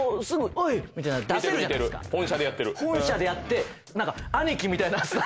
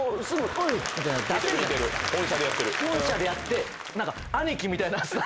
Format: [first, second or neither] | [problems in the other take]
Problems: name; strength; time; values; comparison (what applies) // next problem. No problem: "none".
first | background sound (Applause / Crowd); 5 dB below the speech